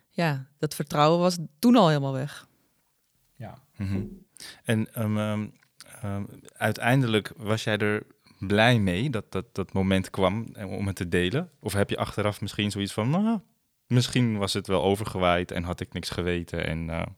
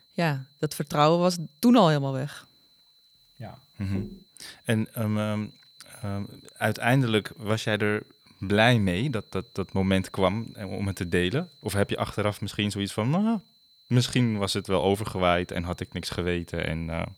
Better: first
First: none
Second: high-pitched whine; faint; throughout; 4 kHz, 30 dB below the speech

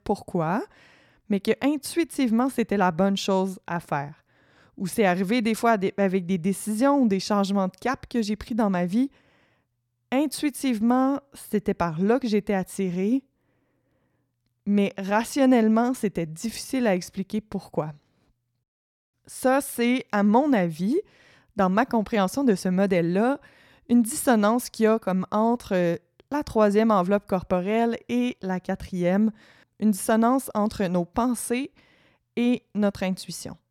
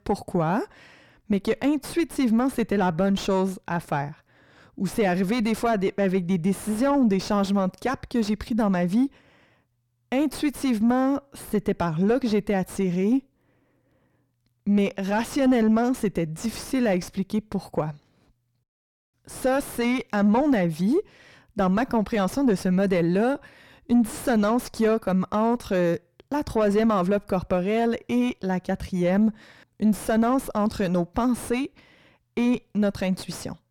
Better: first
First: none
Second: distortion; slight; 8 dB below the speech

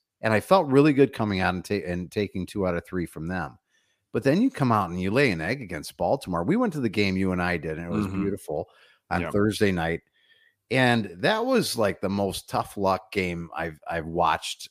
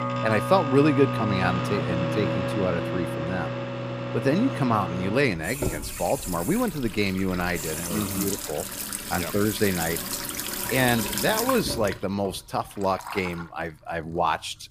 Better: first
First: none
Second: household noises; loud; throughout; 3 dB below the speech

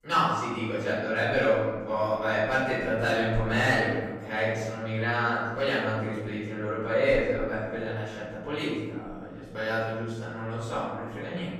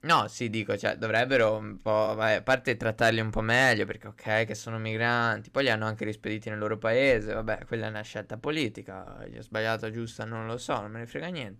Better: second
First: off-mic speech; far // room echo; strong; dies away in 1.2 s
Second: none

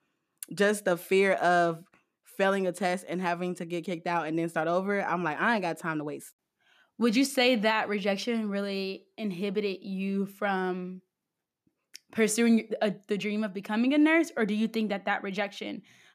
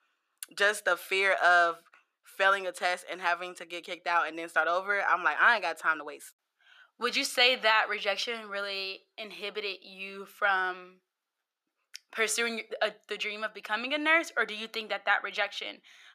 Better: first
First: none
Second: thin; very; fading below 650 Hz

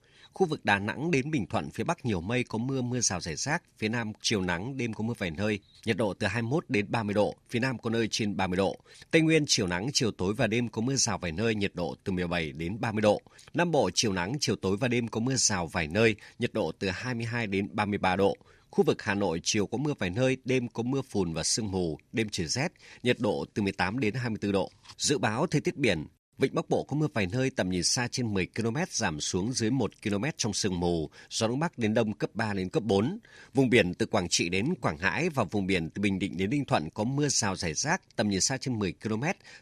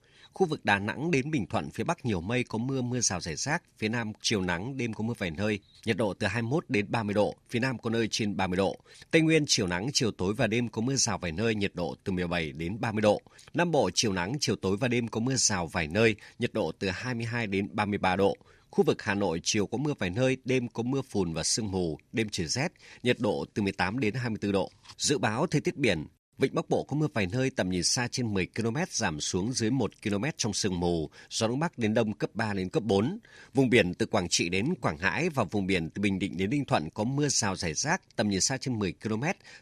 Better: neither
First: none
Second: none

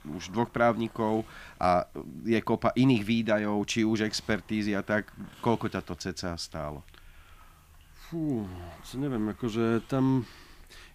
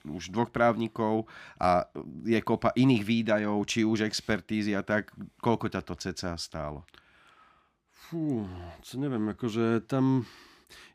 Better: second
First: hiss; faint; throughout; 25 dB below the speech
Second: none

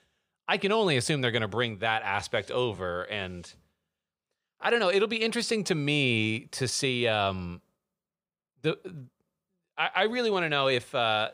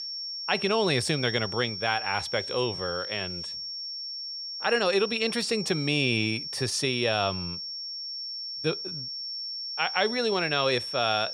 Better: first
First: none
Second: high-pitched whine; loud; throughout; 5.5 kHz, 6 dB below the speech

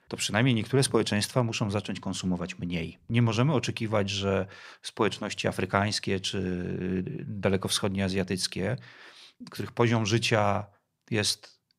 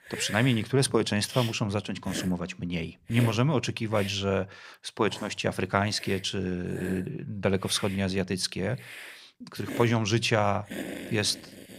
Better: first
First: none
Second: hiss; noticeable; throughout; 15 dB below the speech

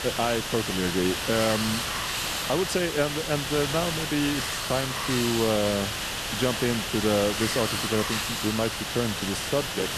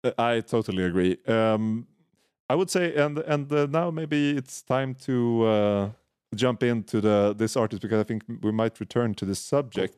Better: second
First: hiss; loud; throughout; 1 dB below the speech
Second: none

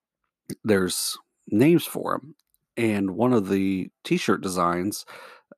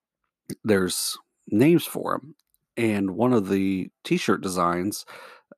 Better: neither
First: none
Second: none

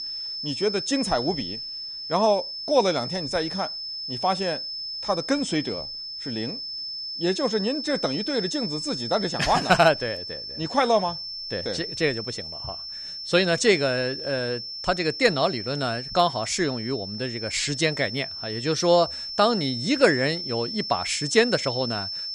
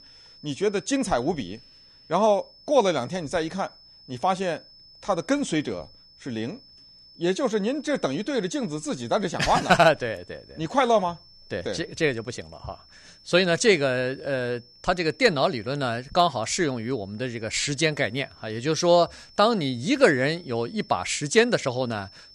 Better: second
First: high-pitched whine; loud; throughout; 5.5 kHz, 6 dB below the speech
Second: high-pitched whine; faint; throughout; 5.5 kHz, 25 dB below the speech

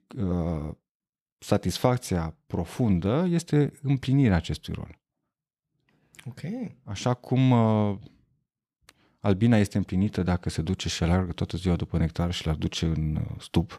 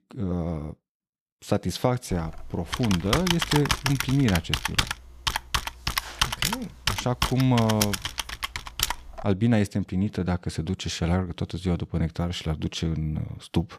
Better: first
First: none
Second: keyboard typing; loud; from 2 to 9.5 s; peak 3 dB above the speech

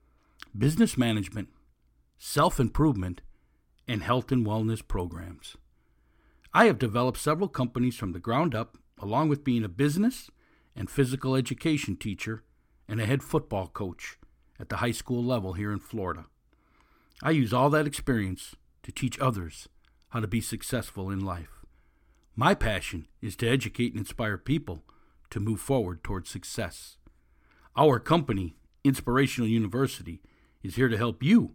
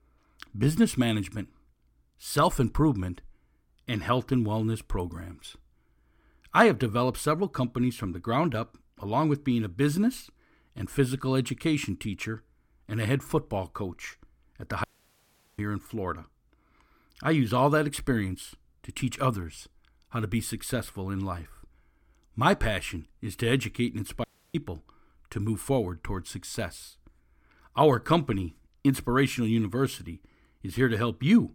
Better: first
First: none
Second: audio cutting out; at 15 s for 0.5 s and at 24 s

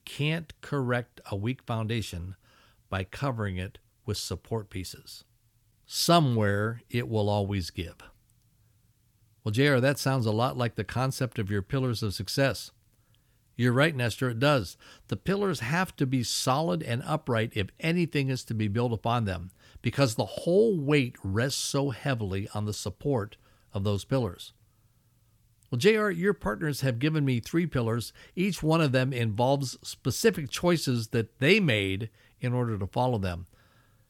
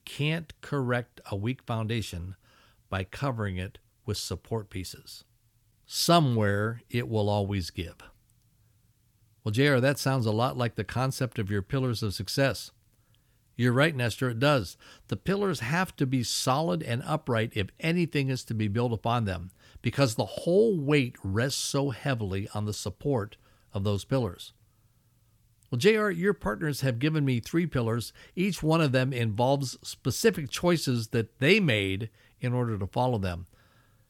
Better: neither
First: none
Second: none

